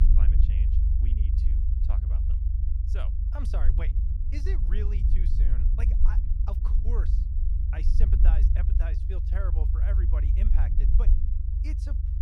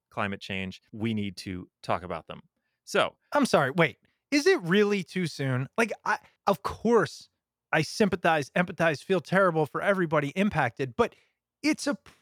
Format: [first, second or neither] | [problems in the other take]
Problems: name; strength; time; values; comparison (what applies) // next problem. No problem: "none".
second | low rumble; loud; throughout; 1 dB below the speech